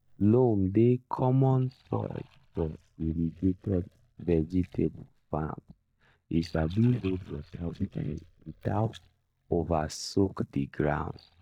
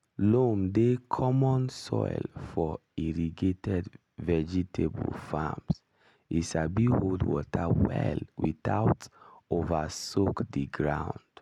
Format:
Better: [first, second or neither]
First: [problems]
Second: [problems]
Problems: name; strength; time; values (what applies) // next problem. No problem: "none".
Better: second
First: noise reduction (neural mask model DeepFilterNet 3)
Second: none